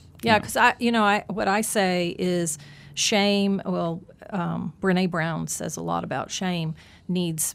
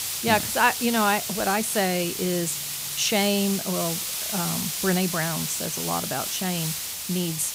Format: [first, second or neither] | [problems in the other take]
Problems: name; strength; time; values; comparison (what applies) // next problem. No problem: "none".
first | hiss; loud; throughout; 2 dB below the speech